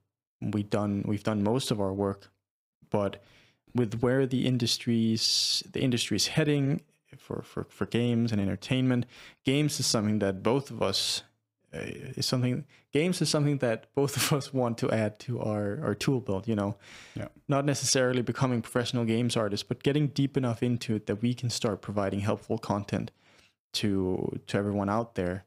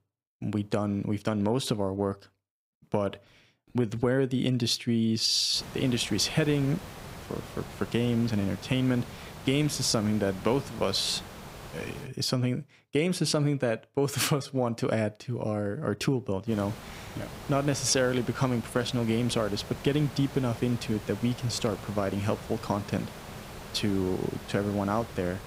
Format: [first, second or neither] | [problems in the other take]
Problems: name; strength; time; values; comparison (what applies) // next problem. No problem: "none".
first | hiss; noticeable; from 5.5 to 12 s and from 17 s on; 15 dB below the speech